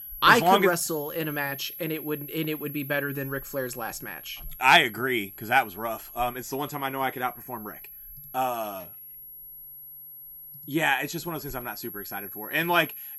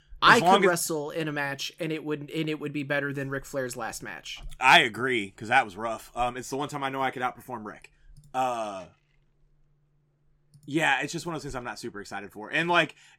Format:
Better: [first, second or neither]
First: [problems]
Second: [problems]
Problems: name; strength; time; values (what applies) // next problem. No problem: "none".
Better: second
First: high-pitched whine; noticeable; throughout; 11.5 kHz, 15 dB below the speech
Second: none